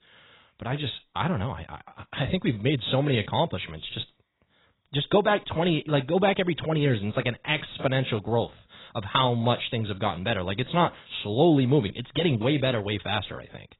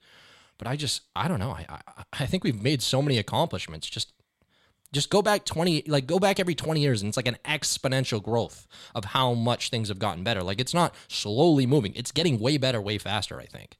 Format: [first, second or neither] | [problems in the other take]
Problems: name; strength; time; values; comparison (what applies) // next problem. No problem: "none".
second | garbled, watery; badly; nothing above 4 kHz